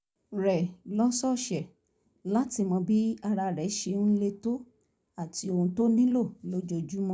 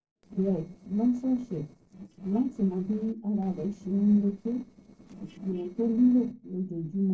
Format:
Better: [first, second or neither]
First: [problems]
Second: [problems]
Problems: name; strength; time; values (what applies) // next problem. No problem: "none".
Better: first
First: none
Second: noise reduction (neural separator model SepFormer DNS4)